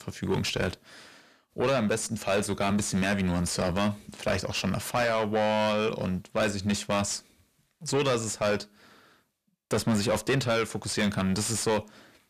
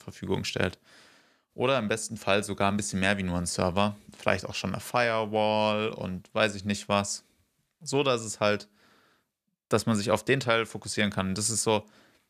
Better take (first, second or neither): second